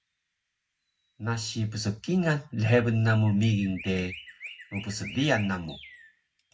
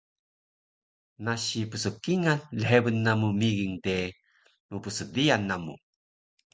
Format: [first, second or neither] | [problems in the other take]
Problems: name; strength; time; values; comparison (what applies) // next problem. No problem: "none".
second | background sound (Chirp, tweet); 20 dB below the speech // room echo; dies away in 0.4 s